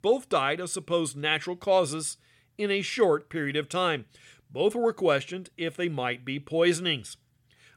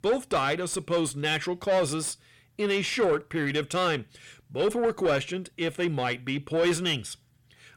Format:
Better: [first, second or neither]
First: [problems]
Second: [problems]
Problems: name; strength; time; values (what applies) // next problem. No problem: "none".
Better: first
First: none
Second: distortion; slight; 9 dB below the speech